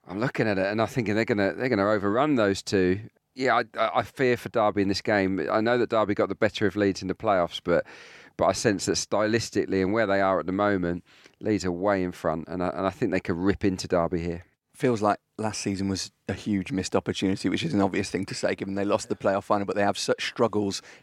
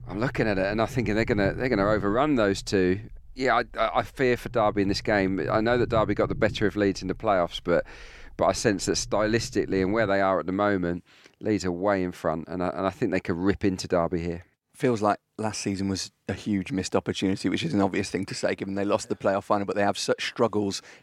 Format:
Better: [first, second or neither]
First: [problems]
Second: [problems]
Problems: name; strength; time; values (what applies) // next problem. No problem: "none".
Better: first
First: none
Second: low rumble; faint; until 10 s; 25 dB below the speech